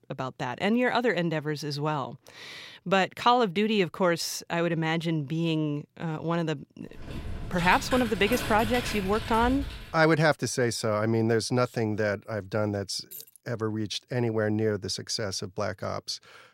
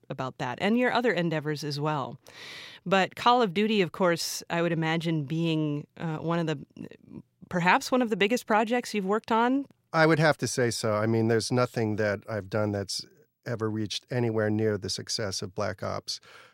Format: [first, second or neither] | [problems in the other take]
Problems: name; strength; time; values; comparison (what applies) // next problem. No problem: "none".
second | keyboard typing; noticeable; from 7 to 10 s; peak 5 dB below the speech // jangling keys; faint; at 13 s; peak 15 dB below the speech